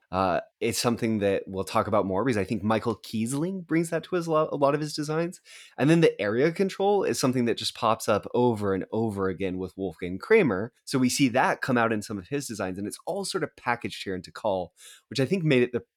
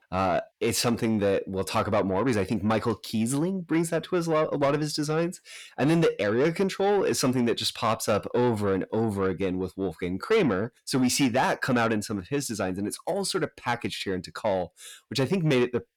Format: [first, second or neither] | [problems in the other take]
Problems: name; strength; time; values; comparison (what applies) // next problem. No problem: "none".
first | distortion; slight; 10 dB below the speech